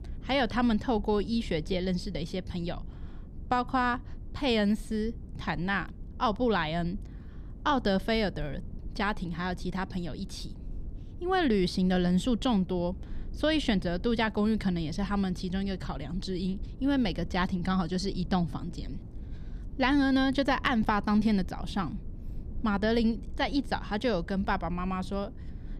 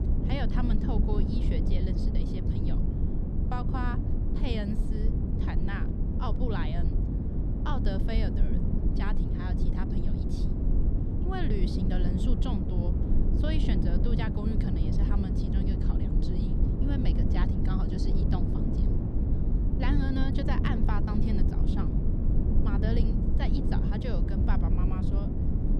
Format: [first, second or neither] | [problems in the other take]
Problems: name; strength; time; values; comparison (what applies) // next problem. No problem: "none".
first | low rumble; loud; throughout; as loud as the speech; faint in the first